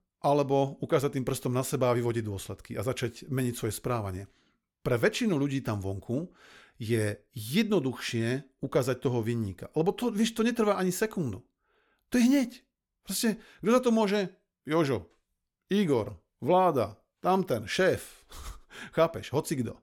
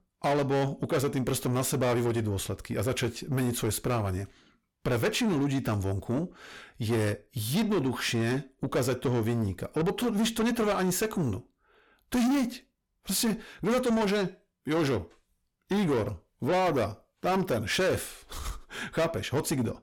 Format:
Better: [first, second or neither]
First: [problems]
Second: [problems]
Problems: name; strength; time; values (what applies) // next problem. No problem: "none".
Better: first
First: none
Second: distortion; heavy; 7 dB below the speech